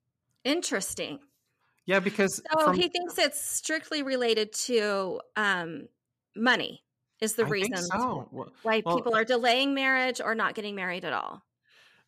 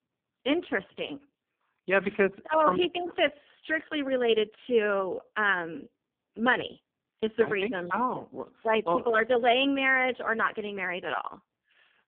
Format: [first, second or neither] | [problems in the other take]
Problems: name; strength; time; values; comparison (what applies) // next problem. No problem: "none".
first | phone-call audio; poor line; nothing above 3.5 kHz